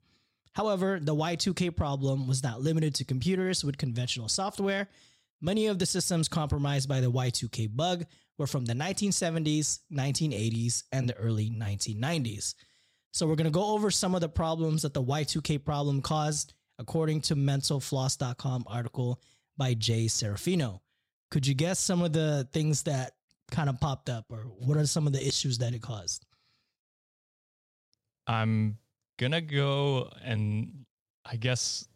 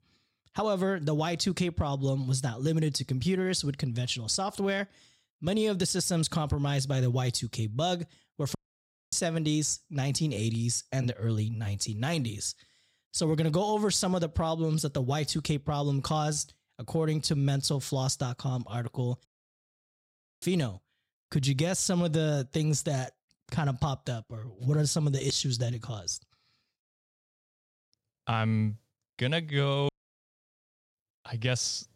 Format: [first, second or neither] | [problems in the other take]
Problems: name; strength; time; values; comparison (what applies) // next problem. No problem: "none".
first | audio cutting out; at 8.5 s for 0.5 s, at 19 s for 1 s and at 30 s for 1 s